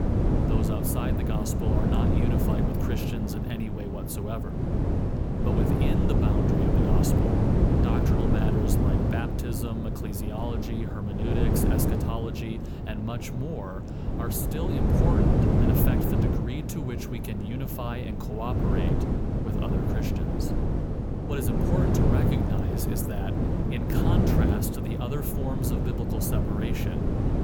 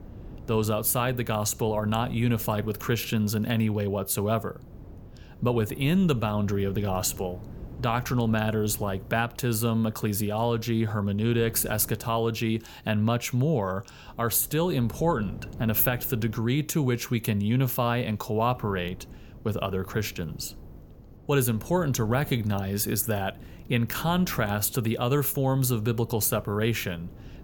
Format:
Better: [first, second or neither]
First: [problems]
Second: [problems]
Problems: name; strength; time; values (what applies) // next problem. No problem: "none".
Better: second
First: wind noise on the microphone; heavy; 4 dB above the speech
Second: wind noise on the microphone; occasional gusts; 25 dB below the speech